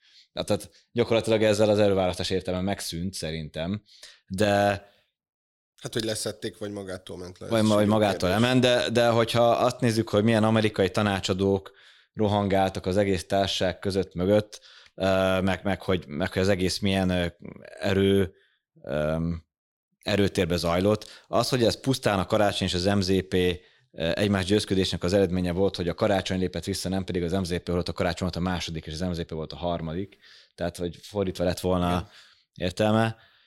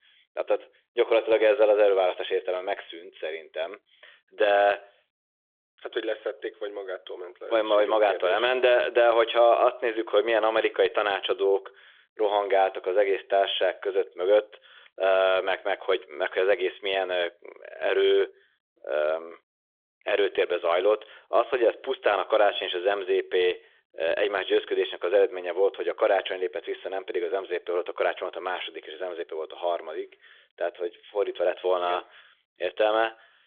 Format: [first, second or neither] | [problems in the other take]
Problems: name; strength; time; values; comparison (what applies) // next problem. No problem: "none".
first | phone-call audio; nothing above 3.5 kHz